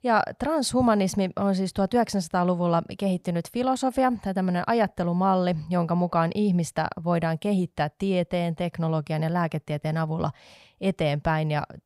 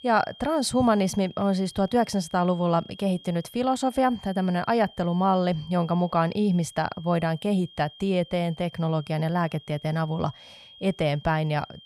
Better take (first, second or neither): first